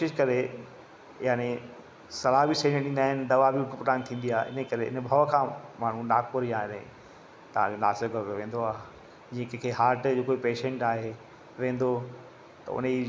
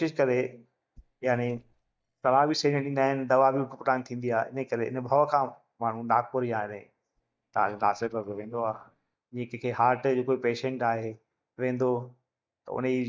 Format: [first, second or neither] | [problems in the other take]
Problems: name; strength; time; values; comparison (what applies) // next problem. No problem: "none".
first | noise reduction (neural mask model DeepFilterNet 3)